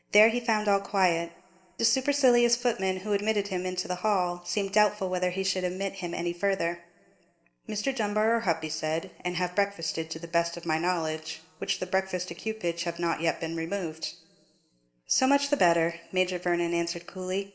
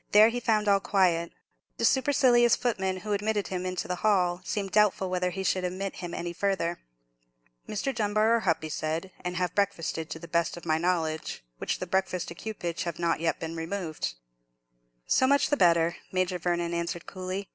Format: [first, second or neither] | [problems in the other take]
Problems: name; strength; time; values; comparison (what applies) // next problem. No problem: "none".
second | room echo; dies away in 1.6 s